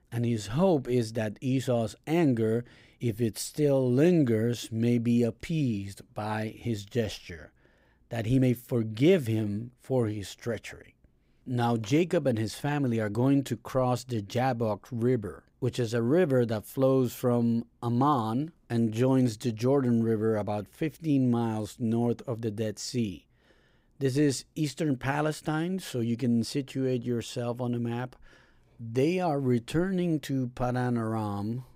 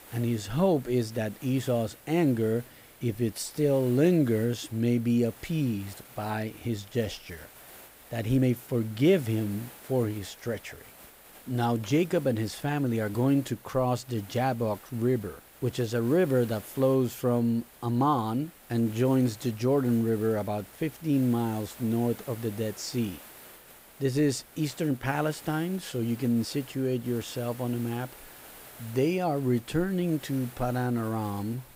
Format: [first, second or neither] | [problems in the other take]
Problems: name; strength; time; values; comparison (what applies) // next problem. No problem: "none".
first | hiss; noticeable; throughout; 20 dB below the speech